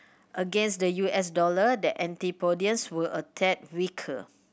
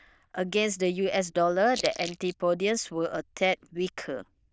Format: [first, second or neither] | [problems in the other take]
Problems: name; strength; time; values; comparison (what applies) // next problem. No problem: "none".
first | noise reduction (neural diffusion model UNIVERSE++)